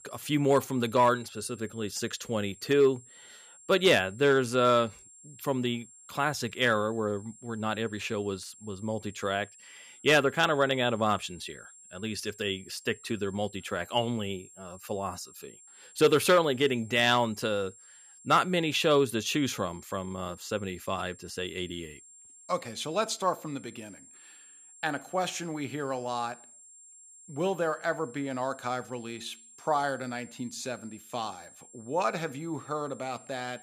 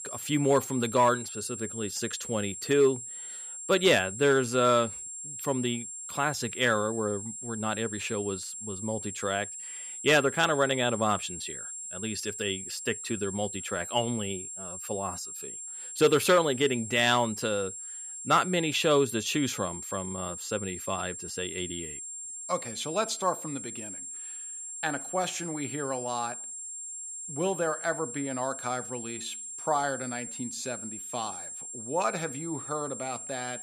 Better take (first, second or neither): first